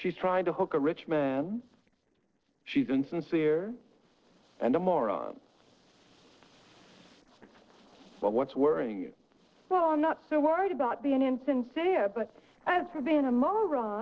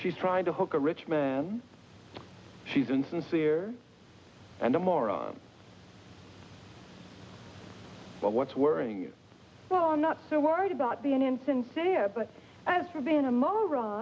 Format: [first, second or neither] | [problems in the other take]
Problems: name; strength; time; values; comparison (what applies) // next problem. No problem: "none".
second | noise reduction (neural separator model SepFormer DNS4)